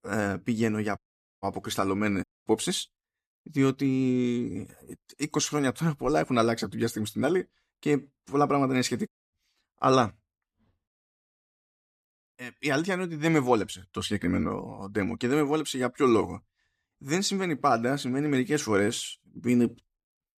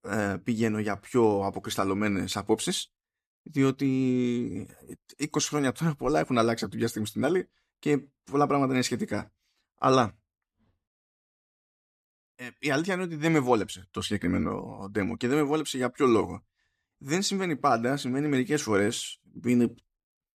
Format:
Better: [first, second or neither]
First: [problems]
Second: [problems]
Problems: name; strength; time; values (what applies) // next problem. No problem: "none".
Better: second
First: audio cutting out; at 1 s, at 2 s and at 9 s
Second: none